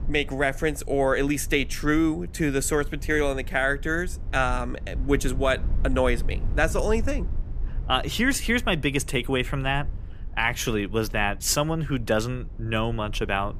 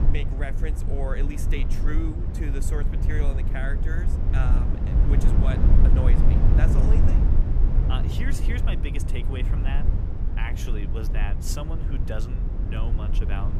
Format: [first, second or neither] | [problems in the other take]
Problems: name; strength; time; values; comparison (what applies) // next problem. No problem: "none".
first | low rumble; loud; throughout; 1 dB below the speech; faint in the first